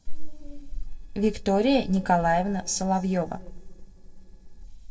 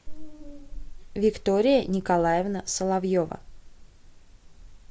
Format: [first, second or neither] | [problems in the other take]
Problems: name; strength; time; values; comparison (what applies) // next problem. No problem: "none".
second | noise reduction (neural separator model SepFormer DNS4)